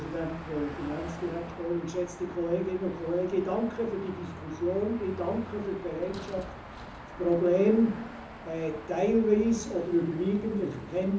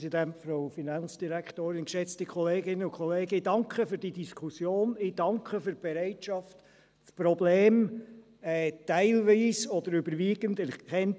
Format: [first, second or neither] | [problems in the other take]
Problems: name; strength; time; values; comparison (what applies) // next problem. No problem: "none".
second | background sound (Car passing by / Traffic noise, roadway noise / Engine); 13 dB below the speech // room echo; dies away in 0.6 s